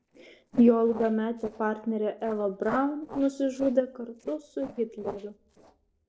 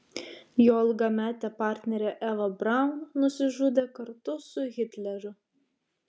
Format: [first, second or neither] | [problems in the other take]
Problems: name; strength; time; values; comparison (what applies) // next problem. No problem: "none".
second | noise reduction (neural separator model SepFormer DNS4)